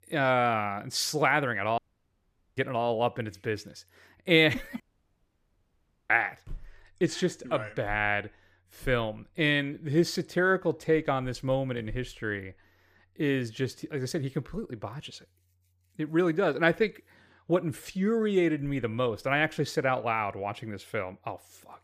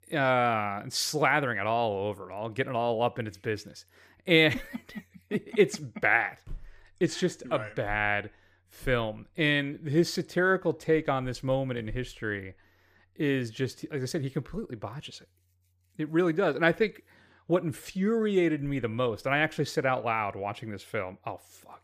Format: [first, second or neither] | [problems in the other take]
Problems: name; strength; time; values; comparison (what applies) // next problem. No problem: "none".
second | audio cutting out; at 2 s for 1 s and at 5 s for 1.5 s